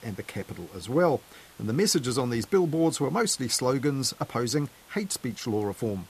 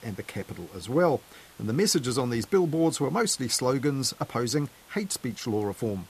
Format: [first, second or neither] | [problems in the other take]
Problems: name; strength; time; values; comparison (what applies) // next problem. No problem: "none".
neither | hiss; faint; throughout; 25 dB below the speech; the same in both